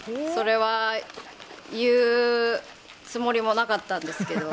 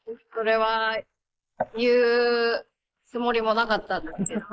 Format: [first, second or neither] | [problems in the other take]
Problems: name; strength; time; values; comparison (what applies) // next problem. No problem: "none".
first | noise reduction (neural mask model Resemble Enhance denoiser)